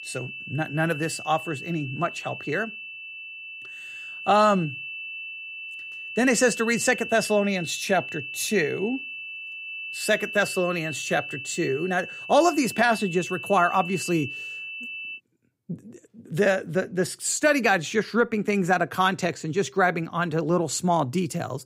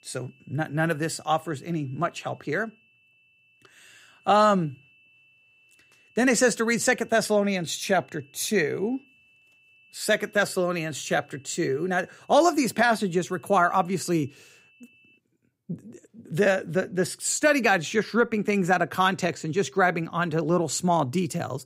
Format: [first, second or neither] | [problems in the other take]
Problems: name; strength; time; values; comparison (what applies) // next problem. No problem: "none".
second | high-pitched whine; loud; until 15 s; 2.5 kHz, 9 dB below the speech; faint in the second